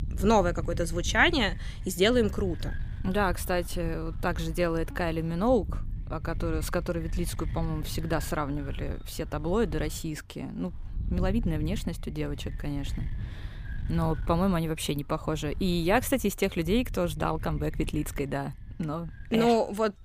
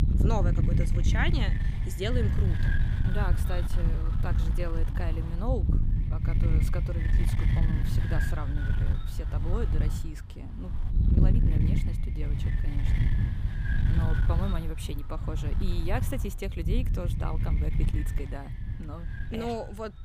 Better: first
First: wind noise on the microphone; occasional gusts; 20 dB below the speech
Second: wind noise on the microphone; heavy; 2 dB below the speech

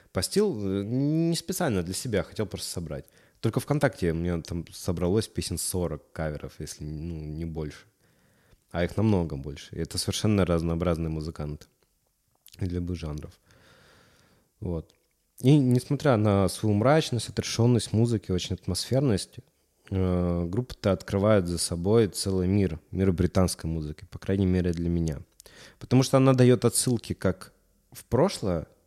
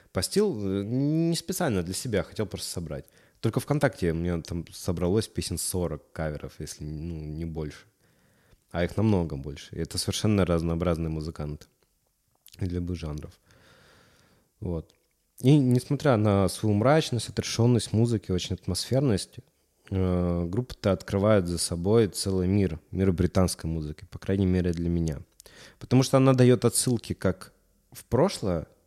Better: neither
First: none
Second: none

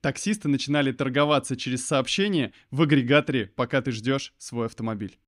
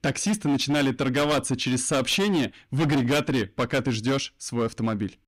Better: first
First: none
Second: distortion; heavy; 17% of the sound clipped

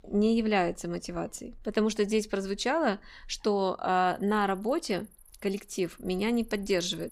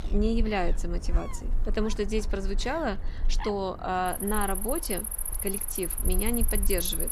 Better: first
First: animal sounds; faint; throughout; 30 dB below the speech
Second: animal sounds; loud; throughout; as loud as the speech

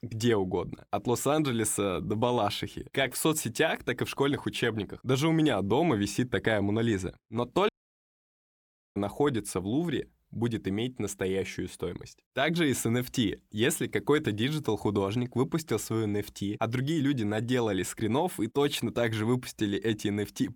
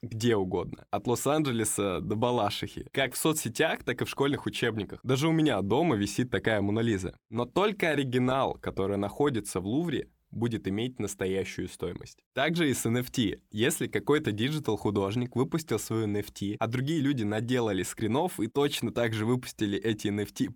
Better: second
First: audio cutting out; at 7.5 s for 1.5 s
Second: none

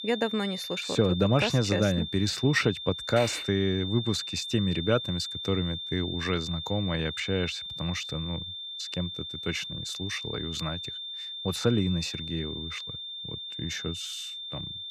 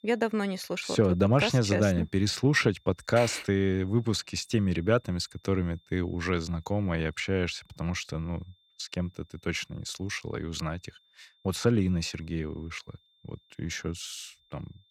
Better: second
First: high-pitched whine; loud; throughout; 3.5 kHz, 6 dB below the speech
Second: high-pitched whine; faint; throughout; 3.5 kHz, 35 dB below the speech

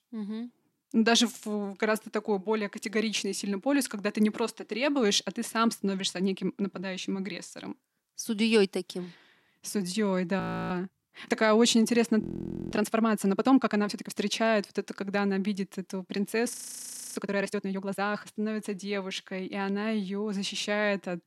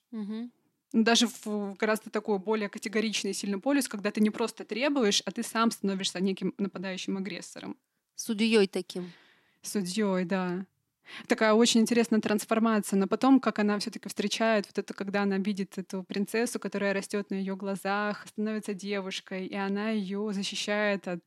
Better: second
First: audio freezing; at 10 s, at 12 s and at 17 s for 0.5 s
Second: none

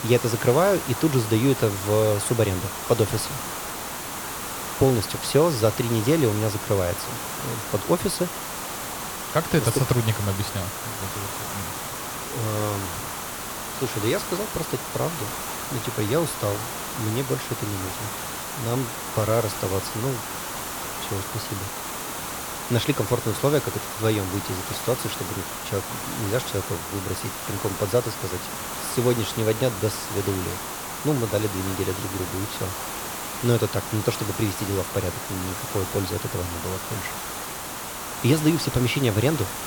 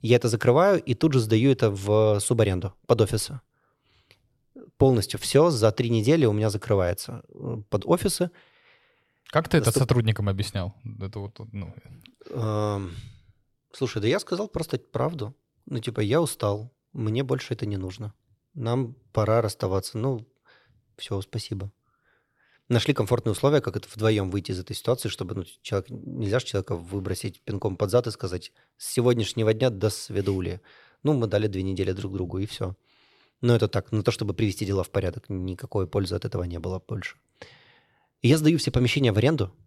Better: second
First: hiss; loud; throughout; 5 dB below the speech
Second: none

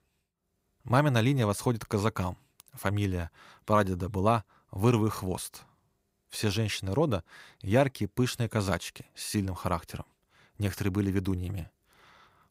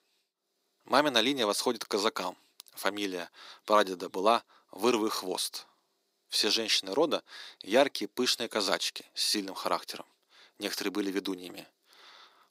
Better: first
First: none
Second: thin; somewhat; fading below 300 Hz

